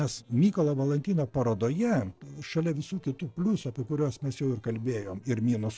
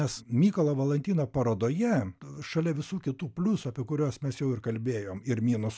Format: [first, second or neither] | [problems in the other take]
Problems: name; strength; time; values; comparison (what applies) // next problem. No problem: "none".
second | noise reduction (neural separator model SepFormer DNS4)